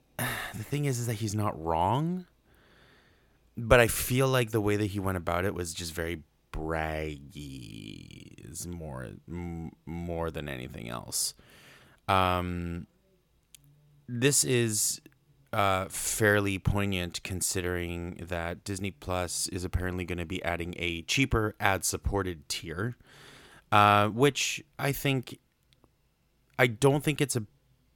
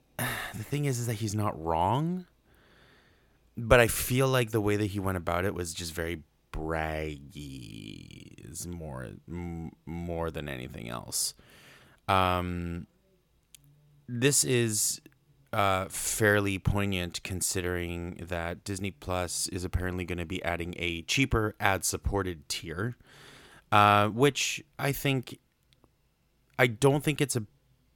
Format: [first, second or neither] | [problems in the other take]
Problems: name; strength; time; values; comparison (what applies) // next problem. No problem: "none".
neither | none